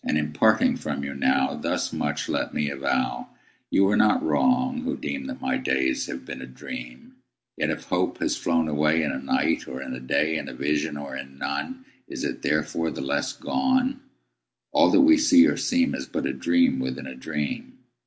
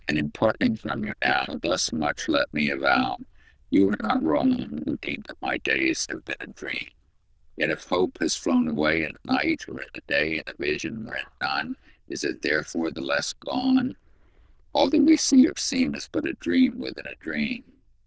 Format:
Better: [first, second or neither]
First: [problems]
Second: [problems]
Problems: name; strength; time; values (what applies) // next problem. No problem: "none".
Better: first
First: none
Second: noise reduction (neural diffusion model UNIVERSE++)